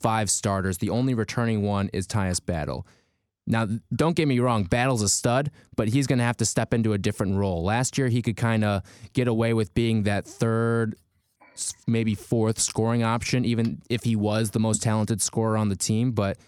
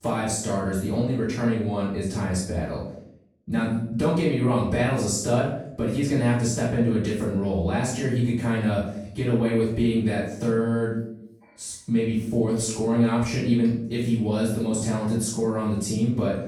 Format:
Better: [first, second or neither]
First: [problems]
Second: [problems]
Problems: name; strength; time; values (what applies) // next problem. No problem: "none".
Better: first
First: none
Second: off-mic speech; far // room echo; noticeable; dies away in 0.6 s